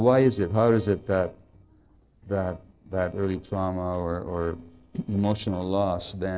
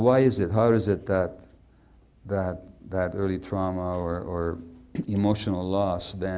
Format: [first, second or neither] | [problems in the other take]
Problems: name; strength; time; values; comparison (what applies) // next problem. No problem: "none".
second | noise reduction (neural separator model SepFormer DNS4)